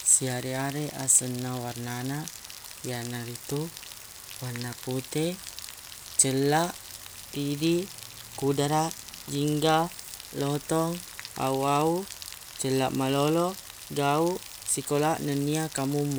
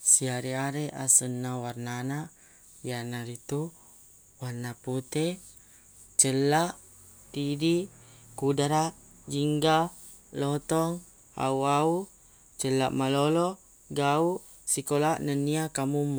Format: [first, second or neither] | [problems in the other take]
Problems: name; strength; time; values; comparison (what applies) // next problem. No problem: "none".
second | background sound (Rain); 14 dB below the speech